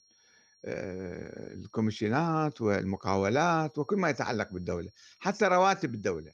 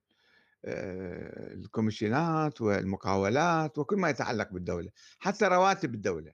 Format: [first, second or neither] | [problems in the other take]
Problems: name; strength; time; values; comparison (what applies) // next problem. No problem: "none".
second | high-pitched whine; faint; throughout; 5.5 kHz, 35 dB below the speech